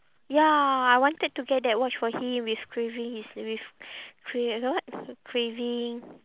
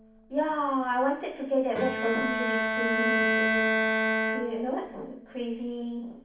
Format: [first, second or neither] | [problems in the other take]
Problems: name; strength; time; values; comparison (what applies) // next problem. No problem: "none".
first | background sound (Bowed string instrument); 1 dB above the speech // room echo; dies away in 0.6 s